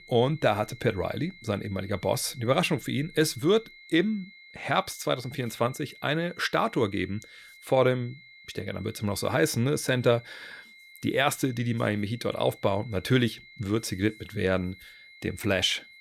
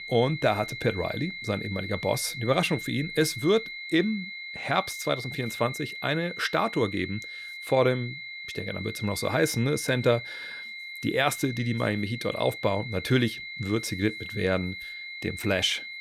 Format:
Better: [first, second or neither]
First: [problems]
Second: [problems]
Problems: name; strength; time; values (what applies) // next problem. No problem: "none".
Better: first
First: high-pitched whine; faint; throughout; 2 kHz, 20 dB below the speech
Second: high-pitched whine; loud; throughout; 2 kHz, 9 dB below the speech